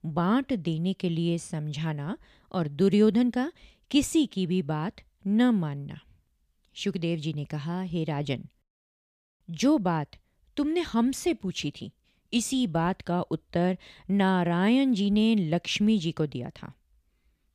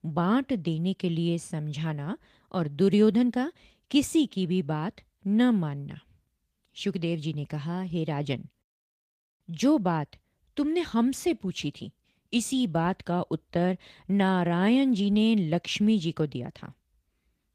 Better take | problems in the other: first | garbled, watery; slightly; nothing above 15 kHz

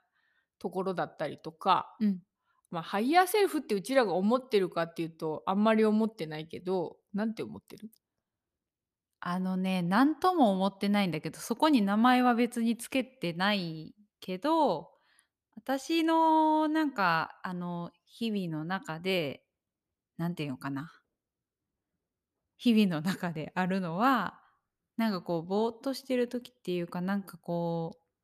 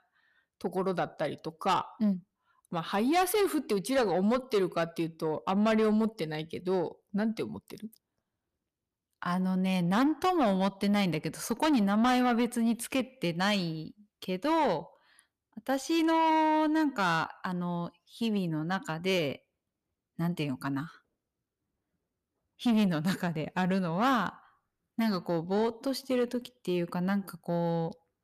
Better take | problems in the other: first | distortion; slight; 10 dB below the speech

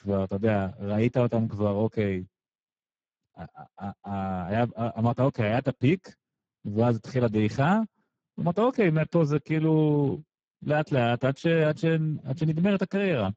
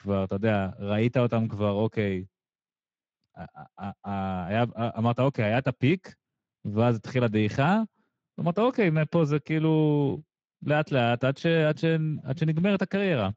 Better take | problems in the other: second | garbled, watery; badly; slightly in the second

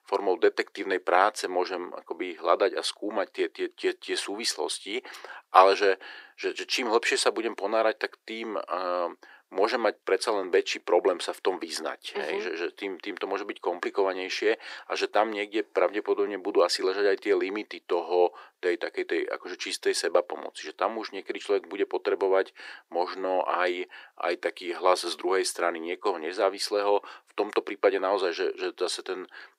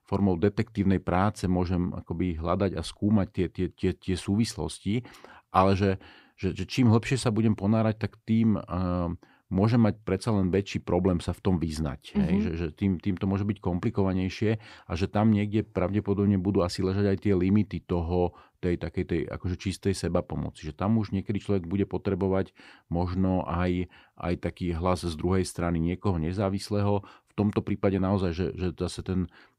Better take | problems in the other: second | thin; very; fading below 350 Hz

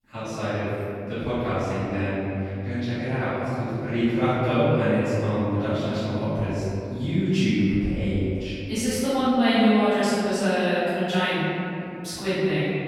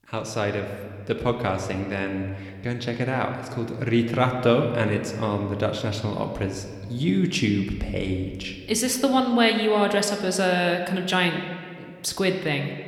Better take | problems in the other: second | room echo; strong; dies away in 2.8 s; slight in the second // off-mic speech; far

